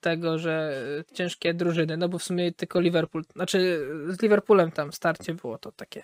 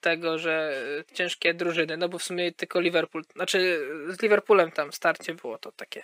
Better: first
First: none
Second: thin; somewhat; fading below 350 Hz

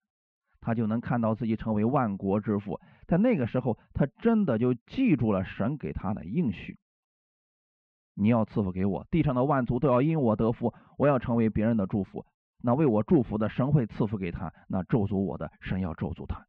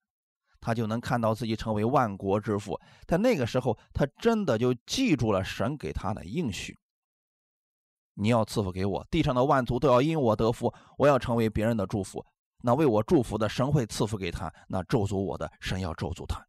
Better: second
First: muffled; very; fading above 2.5 kHz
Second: none

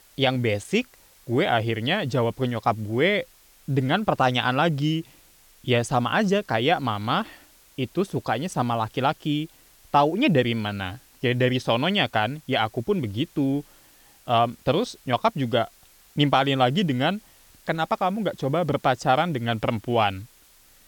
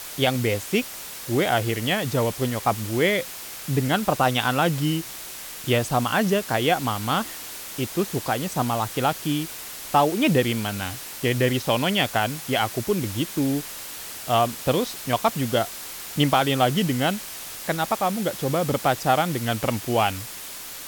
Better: first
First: hiss; faint; throughout; 30 dB below the speech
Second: hiss; loud; throughout; 10 dB below the speech

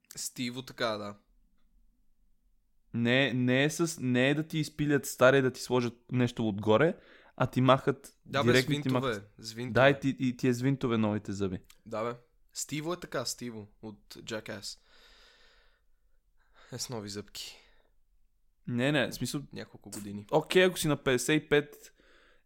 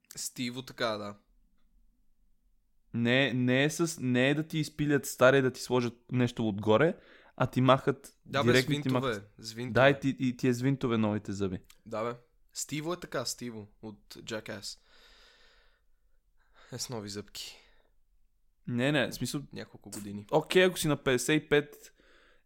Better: neither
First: none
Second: none

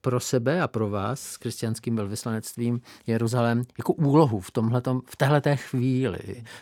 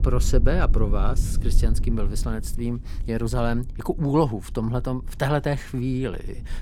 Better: first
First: none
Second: low rumble; noticeable; throughout; 15 dB below the speech

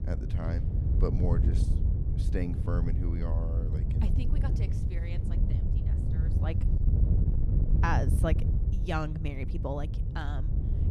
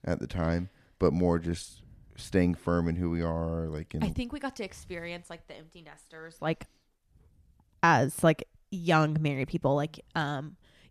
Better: second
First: wind noise on the microphone; heavy; 6 dB below the speech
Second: none

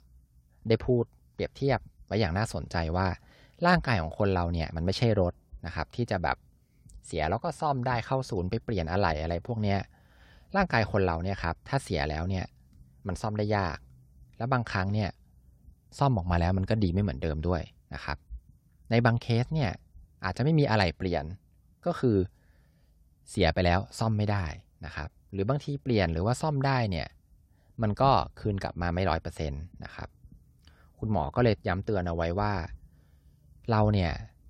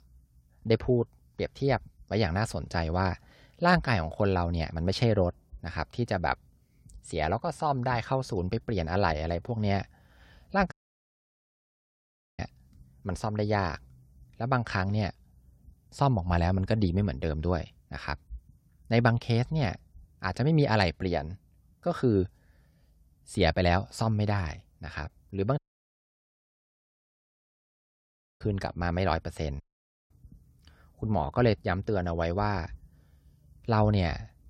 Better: first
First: none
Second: audio cutting out; at 11 s for 1.5 s, at 26 s for 3 s and at 30 s for 0.5 s

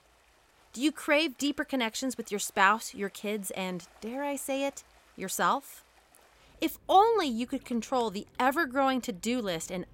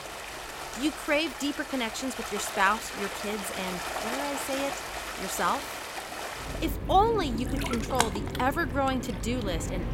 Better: first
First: rain or running water; faint; throughout; 30 dB below the speech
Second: rain or running water; loud; throughout; 4 dB below the speech

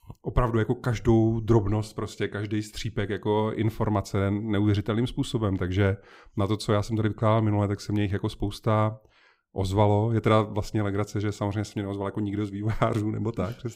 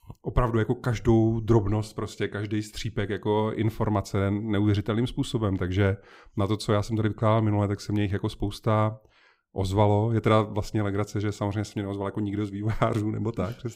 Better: neither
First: none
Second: none

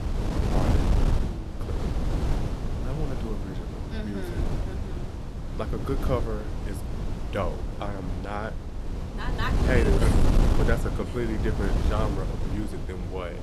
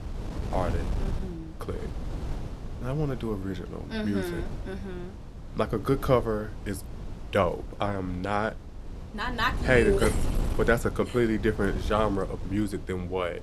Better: second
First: wind noise on the microphone; heavy; 3 dB below the speech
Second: wind noise on the microphone; occasional gusts; 15 dB below the speech

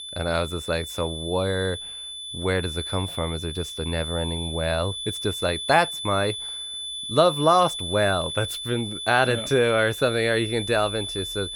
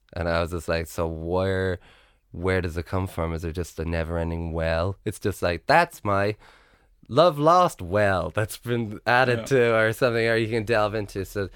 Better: second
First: high-pitched whine; loud; throughout; 3.5 kHz, 6 dB below the speech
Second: none

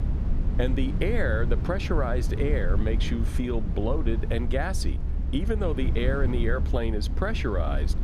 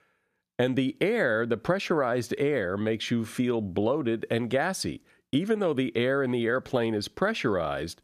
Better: second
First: low rumble; noticeable; throughout; 10 dB below the speech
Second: none

